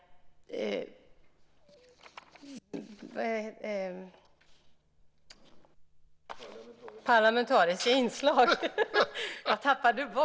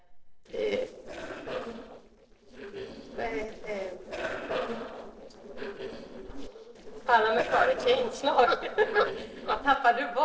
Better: first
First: none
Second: noise reduction (neural separator model SepFormer DNS4)

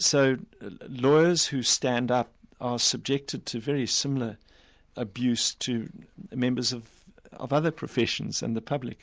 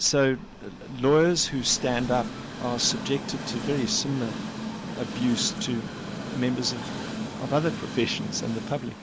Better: first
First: none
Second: background sound (Train); 7 dB below the speech

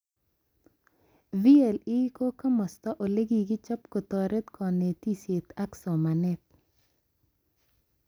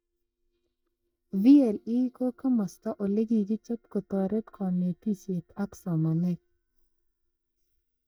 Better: first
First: none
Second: noise reduction (neural mask model DeepFilterNet 3)

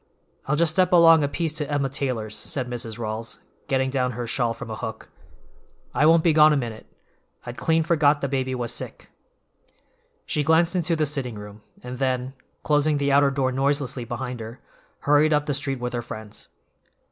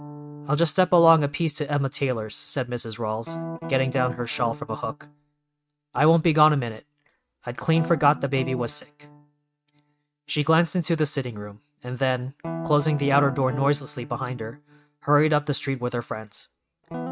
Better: first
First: none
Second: noise reduction (neural mask model RNNoise)

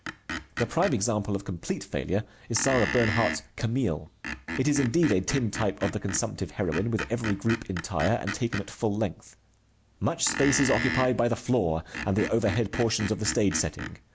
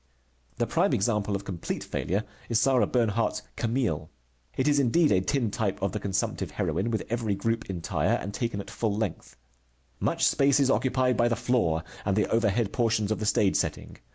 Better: second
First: background sound (Screech); 9 dB below the speech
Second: none

